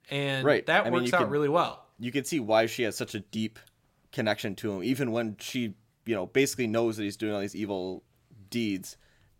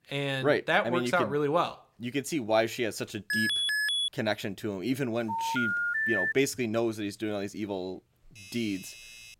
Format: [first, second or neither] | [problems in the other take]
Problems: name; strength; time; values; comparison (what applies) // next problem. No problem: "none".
first | alarm; loud; at 3.5 s; peak 5 dB above the speech // phone ringing; loud; from 5.5 to 6.5 s; peak 3 dB above the speech // doorbell; faint; from 8 s on; peak 15 dB below the speech